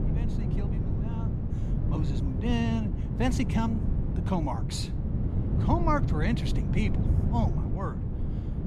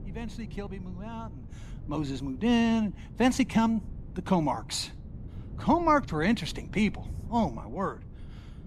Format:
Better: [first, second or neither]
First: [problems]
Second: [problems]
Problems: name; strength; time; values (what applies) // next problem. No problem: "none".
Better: second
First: wind noise on the microphone; heavy; 6 dB below the speech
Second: wind noise on the microphone; occasional gusts; 25 dB below the speech